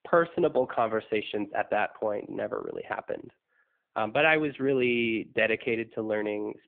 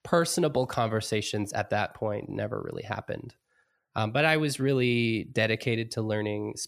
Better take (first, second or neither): second